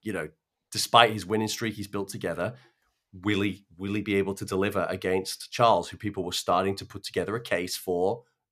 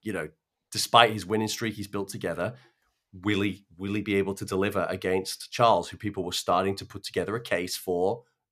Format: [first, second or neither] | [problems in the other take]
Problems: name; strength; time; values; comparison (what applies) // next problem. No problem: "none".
neither | none